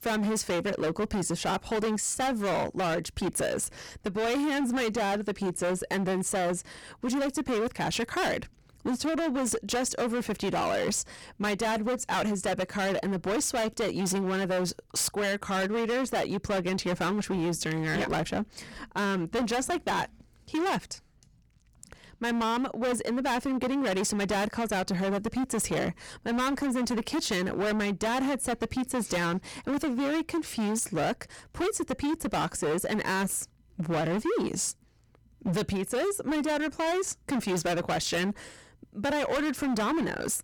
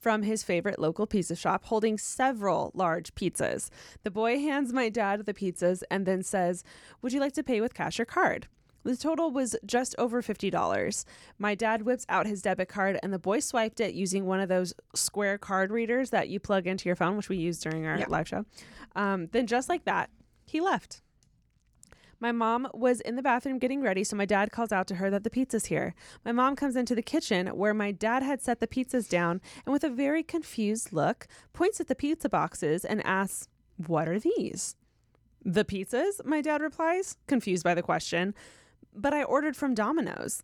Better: second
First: distortion; heavy; 27% of the sound clipped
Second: none

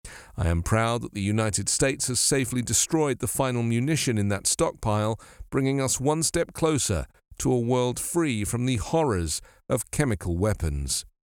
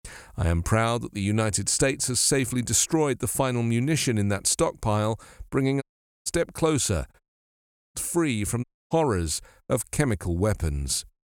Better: first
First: none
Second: audio cutting out; at 6 s, at 7 s for 1 s and at 8.5 s

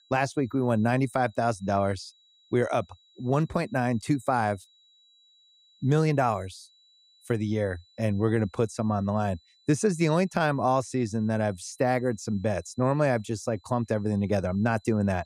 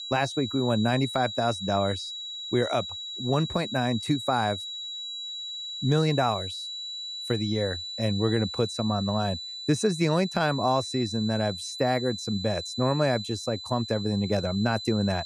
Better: first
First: high-pitched whine; faint; throughout; 4 kHz, 30 dB below the speech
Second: high-pitched whine; loud; throughout; 4 kHz, 7 dB below the speech

